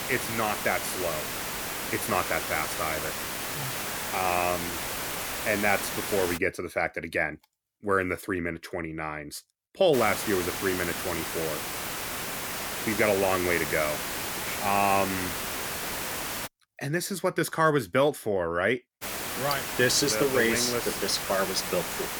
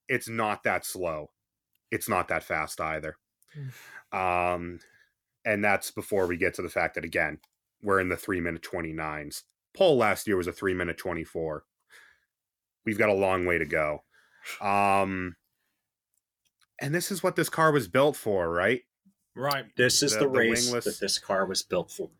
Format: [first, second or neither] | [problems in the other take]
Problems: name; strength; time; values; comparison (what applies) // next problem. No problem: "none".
second | hiss; loud; until 6.5 s, from 10 to 16 s and from 19 s on; 3 dB below the speech